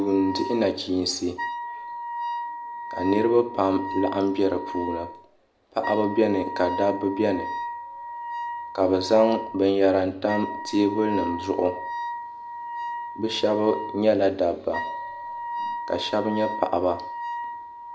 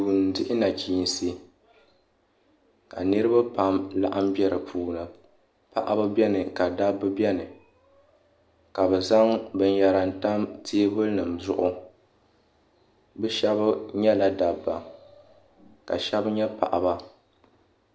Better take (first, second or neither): second